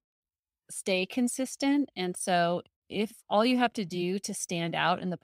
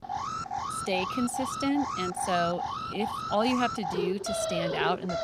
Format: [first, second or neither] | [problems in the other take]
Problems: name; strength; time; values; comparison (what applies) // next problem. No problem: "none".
first | alarm; noticeable; peak level with the speech